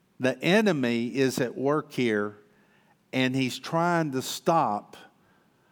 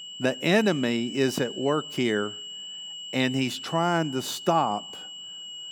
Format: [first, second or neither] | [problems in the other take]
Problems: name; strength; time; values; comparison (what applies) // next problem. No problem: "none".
first | high-pitched whine; noticeable; throughout; 3 kHz, 10 dB below the speech